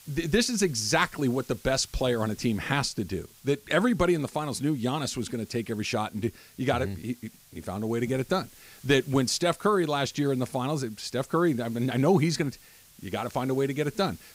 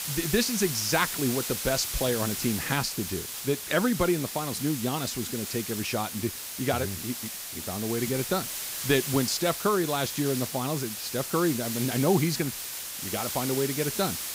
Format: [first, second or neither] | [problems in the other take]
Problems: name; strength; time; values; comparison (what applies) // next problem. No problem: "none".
first | hiss; loud; throughout; 4 dB below the speech; faint in the first